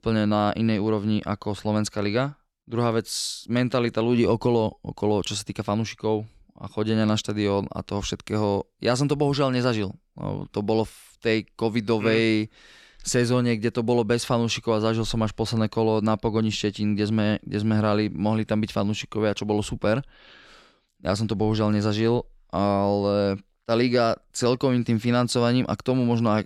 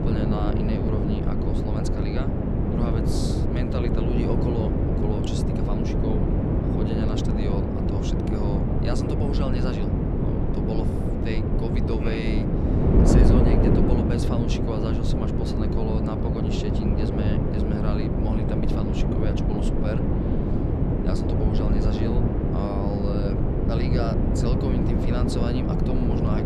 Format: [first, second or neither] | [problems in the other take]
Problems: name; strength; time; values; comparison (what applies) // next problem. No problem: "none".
first | wind noise on the microphone; heavy; 4 dB above the speech